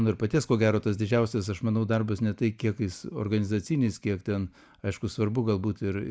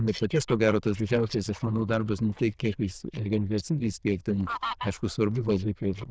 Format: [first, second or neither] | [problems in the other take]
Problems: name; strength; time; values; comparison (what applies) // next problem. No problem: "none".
first | noise reduction (neural diffusion model UNIVERSE++)